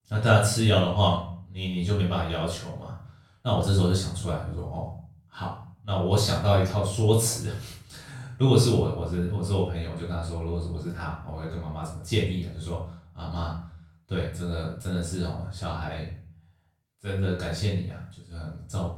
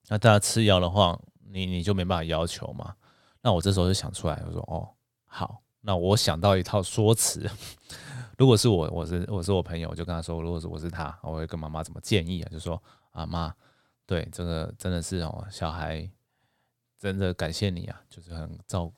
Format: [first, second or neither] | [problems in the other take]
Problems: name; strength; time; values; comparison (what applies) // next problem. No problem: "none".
second | off-mic speech; far // room echo; noticeable; dies away in 0.4 s